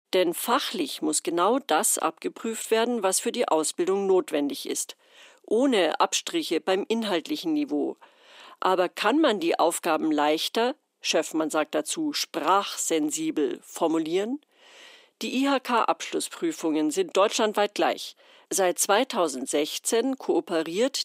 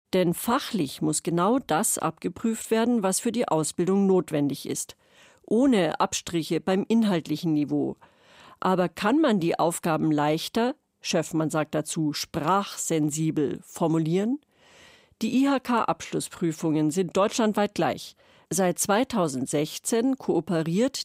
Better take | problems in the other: second | thin; very slightly; fading below 300 Hz

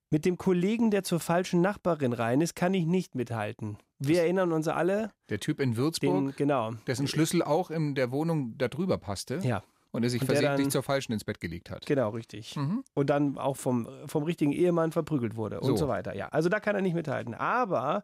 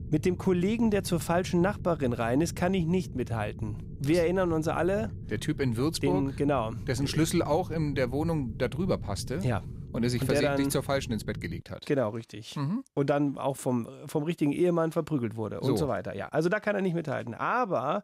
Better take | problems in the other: first | low rumble; faint; until 12 s; 20 dB below the speech

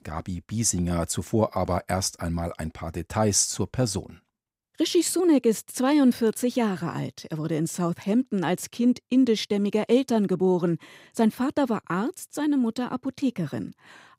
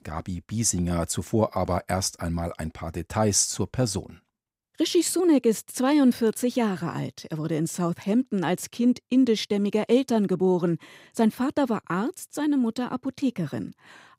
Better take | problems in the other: neither | none

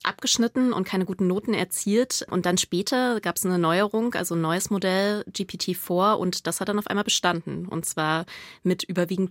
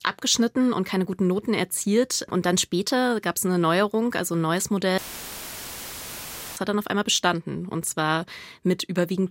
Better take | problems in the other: first | audio cutting out; filled with static; at 5 s for 1.5 s

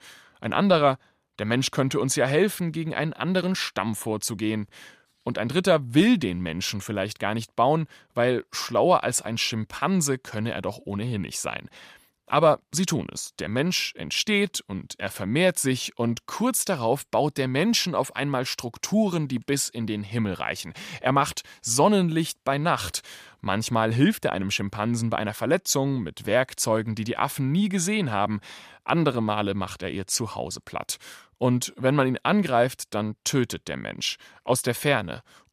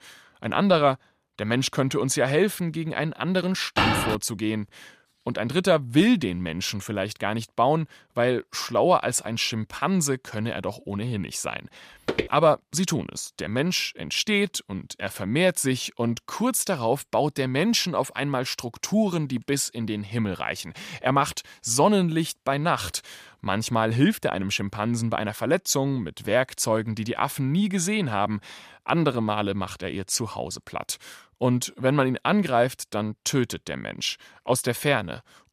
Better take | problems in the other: first | footsteps; loud; at 4 s; peak 3 dB above the speech // footsteps; noticeable; at 12 s; peak 4 dB below the speech

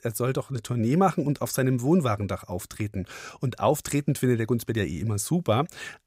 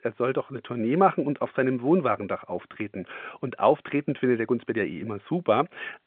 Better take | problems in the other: first | phone-call audio

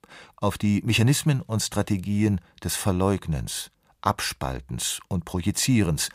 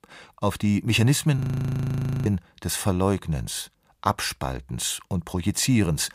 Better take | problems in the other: first | audio freezing; at 1.5 s for 1 s

